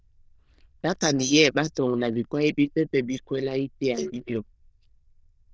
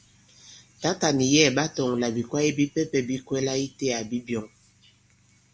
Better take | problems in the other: second | noise reduction (neural diffusion model UNIVERSE++)

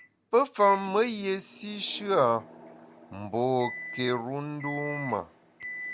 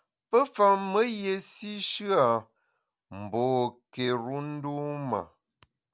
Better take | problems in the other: second | background sound (Microwave oven); 14 dB below the speech

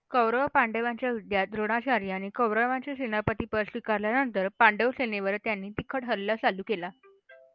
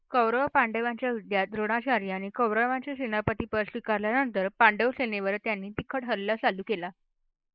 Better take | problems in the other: first | noise reduction (neural mask model Resemble Enhance denoiser)

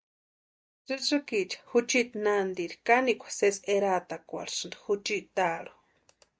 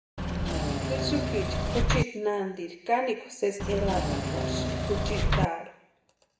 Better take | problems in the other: first | background sound (Engine / Mechanisms); 5 dB above the speech // room echo; dies away in 0.8 s

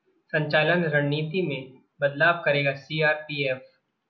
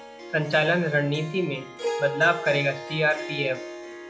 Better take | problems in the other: first | background sound (Harp); 9 dB below the speech

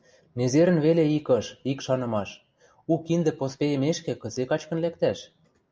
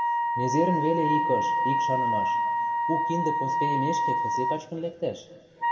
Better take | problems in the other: first | background sound (Wind instrument, woodwind instrument); 4 dB above the speech // room echo; dies away in 1.8 s

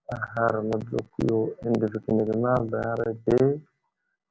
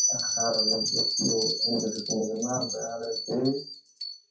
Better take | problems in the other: first | noise reduction (classical method WPE with log-MMSE)

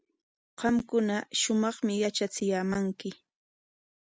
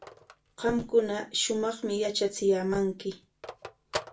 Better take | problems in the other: first | background sound (Telephone); 15 dB below the speech // room echo; dies away in 0.2 s

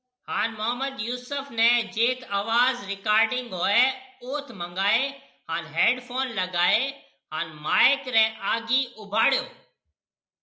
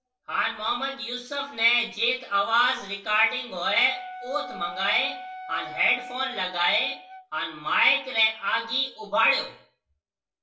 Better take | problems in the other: first | background sound (Wind instrument, woodwind instrument); 12 dB below the speech // room echo; dies away in 0.2 s

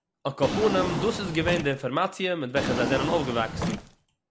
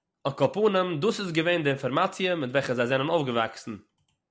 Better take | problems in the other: second | background sound (Drawer open or close); 4 dB below the speech

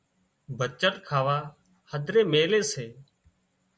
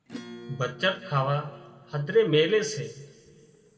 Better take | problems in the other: first | background sound (Acoustic guitar / Strum); 20 dB below the speech // room echo; dies away in 1.8 s

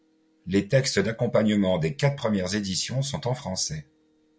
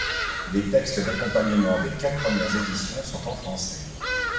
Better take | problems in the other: first | background sound (Bird vocalization, bird call, bird song); 5 dB below the speech // room echo; dies away in 0.6 s

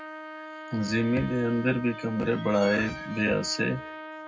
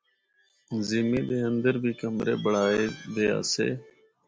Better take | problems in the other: second | background sound (Trumpet); 13 dB below the speech // room echo; dies away in 0.3 s

